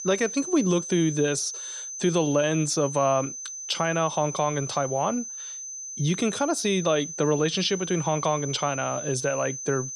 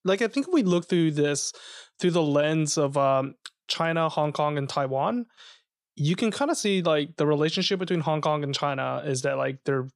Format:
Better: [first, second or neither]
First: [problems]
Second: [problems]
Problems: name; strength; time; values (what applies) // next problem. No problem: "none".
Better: second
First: high-pitched whine; loud; throughout; 6 kHz, 8 dB below the speech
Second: none